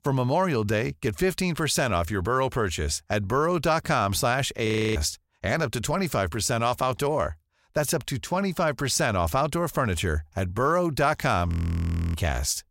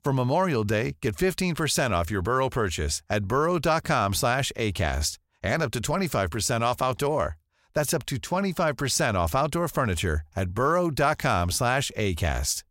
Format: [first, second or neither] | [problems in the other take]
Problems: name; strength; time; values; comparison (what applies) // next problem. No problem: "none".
second | audio freezing; at 4.5 s and at 11 s for 0.5 s